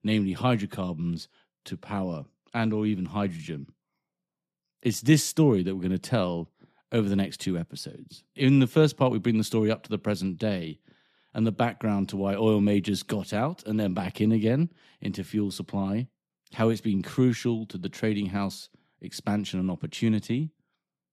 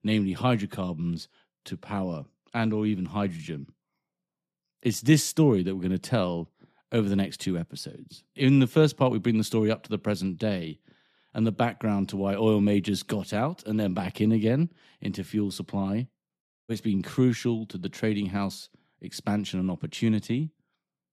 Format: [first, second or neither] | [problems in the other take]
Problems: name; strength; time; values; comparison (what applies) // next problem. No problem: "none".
first | audio cutting out; at 16 s